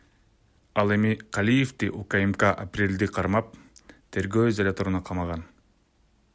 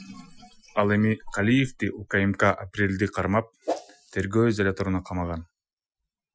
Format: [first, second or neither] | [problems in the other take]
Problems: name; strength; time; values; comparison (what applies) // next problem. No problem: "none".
first | noise reduction (classical method Wiener filter)